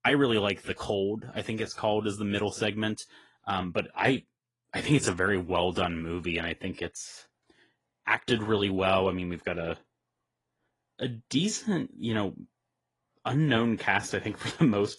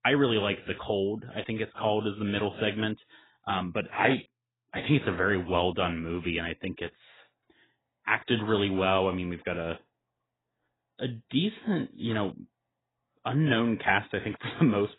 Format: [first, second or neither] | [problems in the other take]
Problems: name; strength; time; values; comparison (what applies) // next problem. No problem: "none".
first | garbled, watery; badly; nothing above 3.5 kHz; slightly in the first